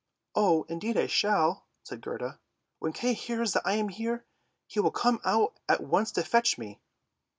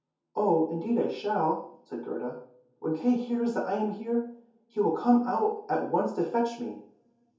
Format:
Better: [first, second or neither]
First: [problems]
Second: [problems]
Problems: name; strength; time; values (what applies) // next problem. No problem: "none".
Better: first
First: none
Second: room echo; dies away in 0.6 s